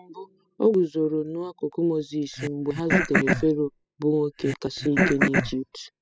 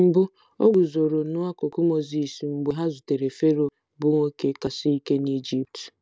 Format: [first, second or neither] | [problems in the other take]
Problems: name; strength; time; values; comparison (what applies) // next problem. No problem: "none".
second | noise reduction (classical method spectral subtraction)